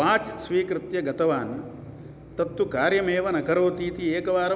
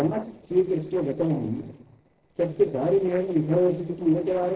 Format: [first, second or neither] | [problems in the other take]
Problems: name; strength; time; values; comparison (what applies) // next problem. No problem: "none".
first | noise reduction (neural separator model SepFormer DNS4)